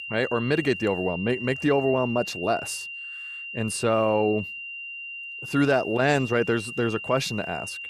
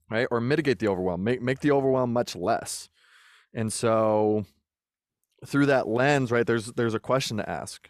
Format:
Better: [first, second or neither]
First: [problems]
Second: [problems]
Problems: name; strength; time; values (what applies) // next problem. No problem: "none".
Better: second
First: high-pitched whine; loud; throughout; 3 kHz, 9 dB below the speech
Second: none